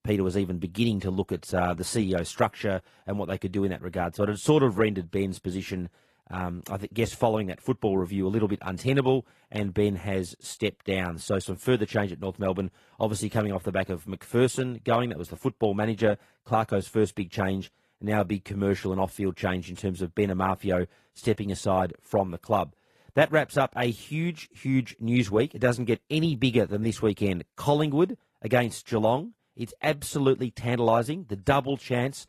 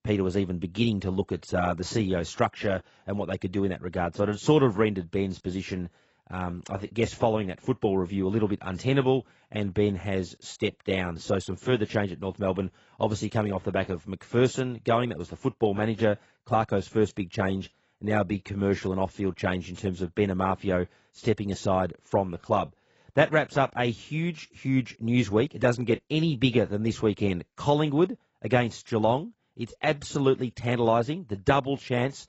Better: first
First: garbled, watery; slightly; nothing above 14 kHz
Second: garbled, watery; badly; nothing above 7.5 kHz

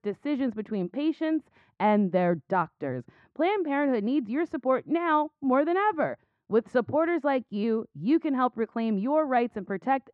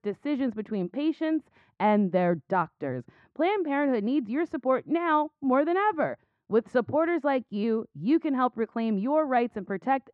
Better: neither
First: muffled; very; fading above 1.5 kHz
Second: muffled; very; fading above 1.5 kHz

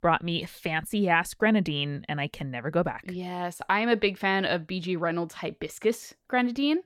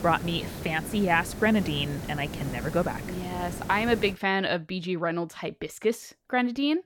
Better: first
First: none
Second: hiss; loud; until 4 s; 9 dB below the speech

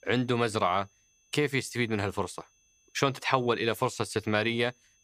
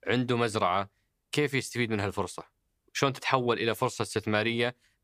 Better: second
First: high-pitched whine; faint; throughout; 6 kHz, 35 dB below the speech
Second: none

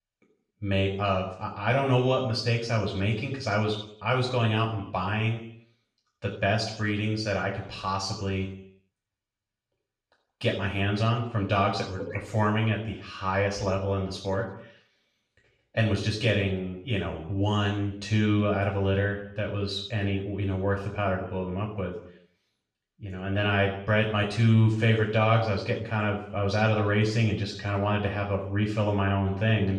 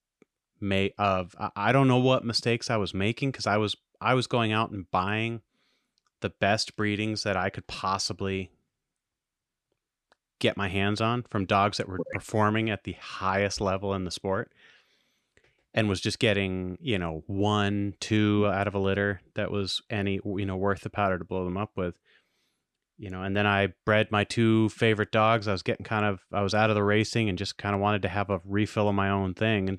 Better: second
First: room echo; noticeable; dies away in 0.6 s // off-mic speech; far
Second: none

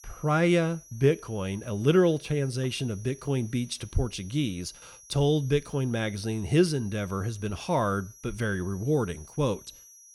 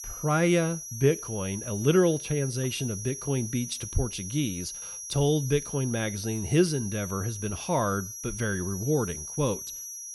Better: first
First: high-pitched whine; faint; throughout; 6 kHz, 20 dB below the speech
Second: high-pitched whine; loud; throughout; 6 kHz, 8 dB below the speech

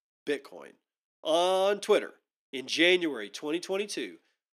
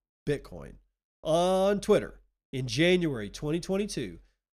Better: second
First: thin; somewhat; fading below 300 Hz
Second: none

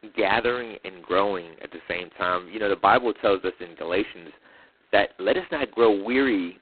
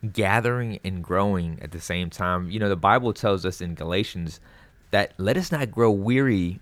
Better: second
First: phone-call audio; poor line; nothing above 4 kHz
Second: none

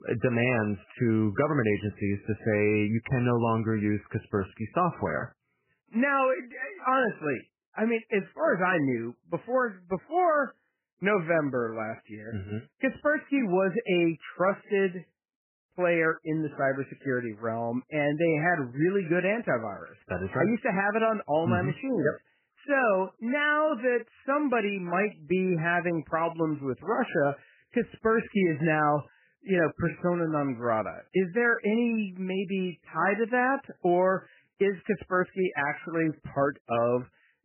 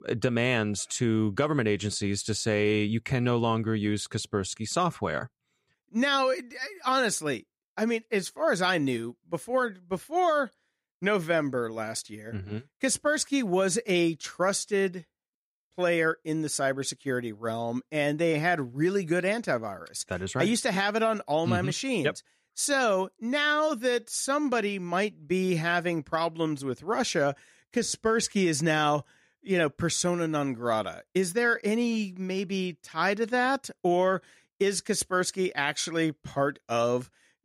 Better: second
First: garbled, watery; badly; nothing above 3 kHz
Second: none

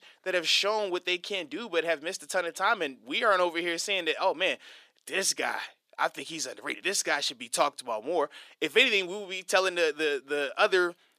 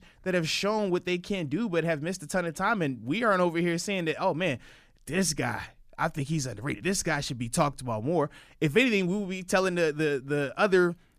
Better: second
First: thin; very; fading below 400 Hz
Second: none

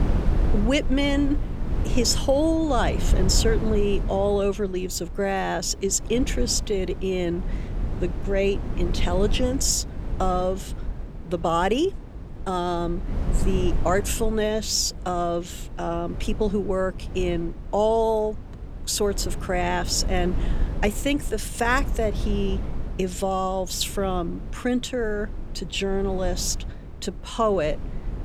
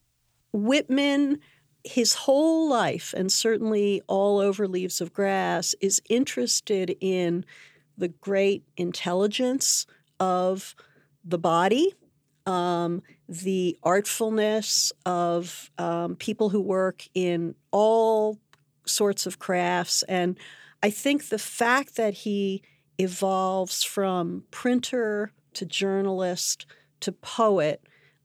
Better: second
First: wind noise on the microphone; occasional gusts; 15 dB below the speech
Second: none

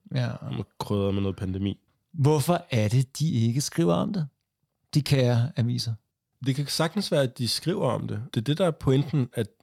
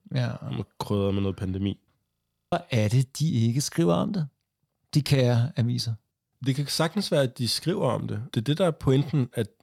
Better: first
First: none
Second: audio freezing; at 2 s

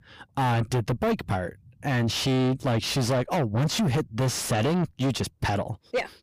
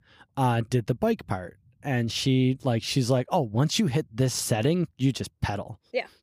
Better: second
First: distortion; heavy; 6 dB below the speech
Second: none

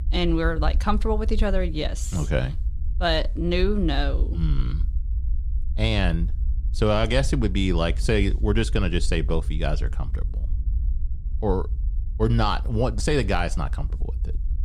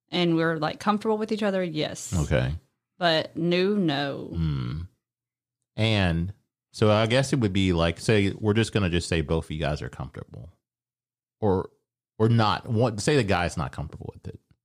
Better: second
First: low rumble; faint; throughout; 20 dB below the speech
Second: none

